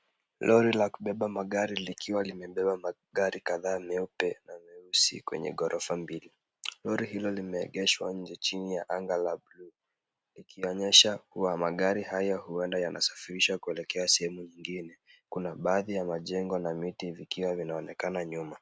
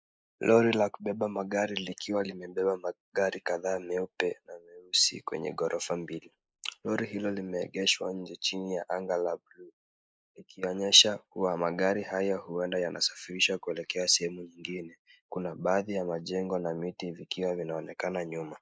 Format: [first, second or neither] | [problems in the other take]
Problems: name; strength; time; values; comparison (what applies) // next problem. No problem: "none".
first | noise reduction (neural mask model Resemble Enhance denoiser)